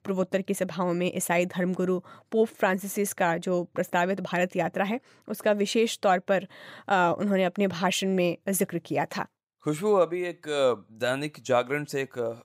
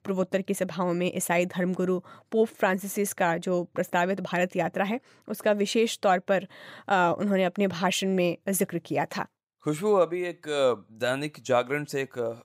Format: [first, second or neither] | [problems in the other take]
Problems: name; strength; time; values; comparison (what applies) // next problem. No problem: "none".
neither | none